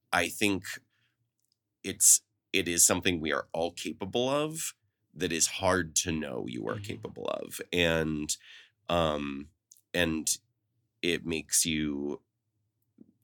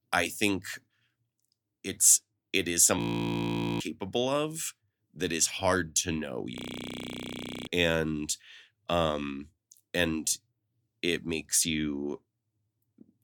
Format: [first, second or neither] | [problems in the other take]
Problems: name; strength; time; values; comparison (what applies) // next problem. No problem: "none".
first | audio freezing; at 3 s for 1 s and at 6.5 s for 1 s